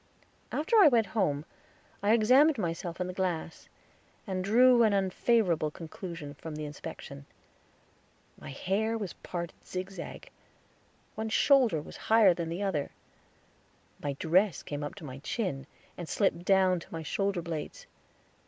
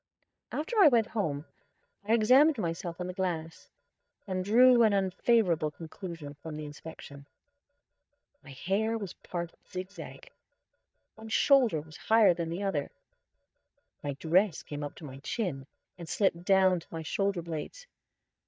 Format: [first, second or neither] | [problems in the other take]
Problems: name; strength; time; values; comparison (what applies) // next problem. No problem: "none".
first | noise reduction (neural mask model DeepFilterNet 3)